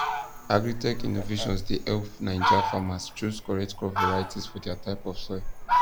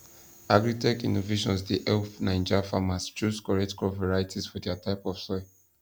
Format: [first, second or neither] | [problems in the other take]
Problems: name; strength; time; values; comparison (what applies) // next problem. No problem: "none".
second | background sound (Fowl); as loud as the speech